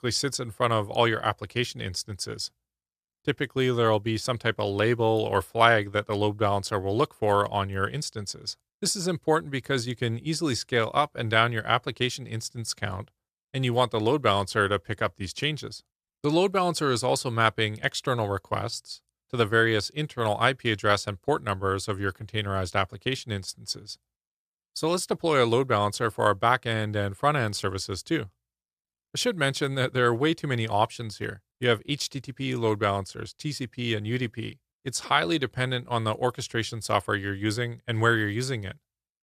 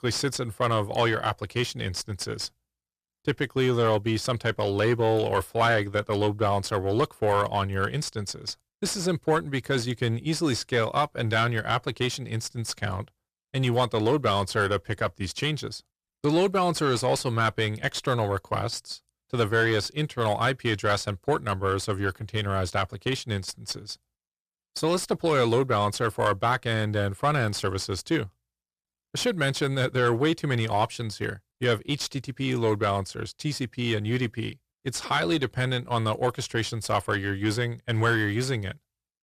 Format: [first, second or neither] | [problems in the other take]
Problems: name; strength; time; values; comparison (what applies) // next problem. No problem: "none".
first | distortion; slight; 10 dB below the speech